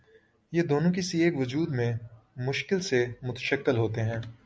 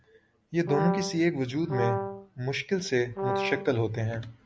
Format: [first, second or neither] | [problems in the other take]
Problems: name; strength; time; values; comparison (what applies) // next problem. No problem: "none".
first | background sound (Brass instrument); 3 dB below the speech